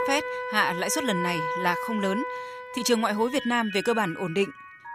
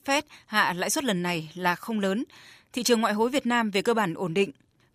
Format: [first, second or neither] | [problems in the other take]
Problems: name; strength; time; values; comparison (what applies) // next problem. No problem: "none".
second | background music; loud; throughout; 7 dB below the speech